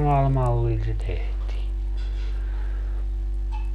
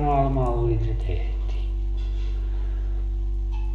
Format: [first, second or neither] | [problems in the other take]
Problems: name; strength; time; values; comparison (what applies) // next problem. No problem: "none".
first | room echo; dies away in 0.9 s